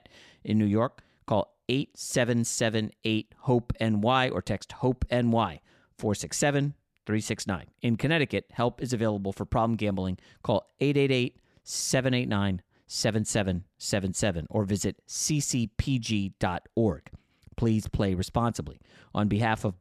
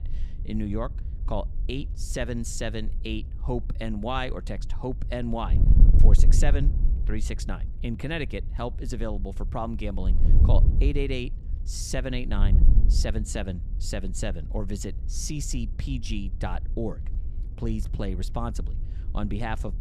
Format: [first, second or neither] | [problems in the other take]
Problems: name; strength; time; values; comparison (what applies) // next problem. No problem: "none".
first | wind noise on the microphone; occasional gusts; 10 dB below the speech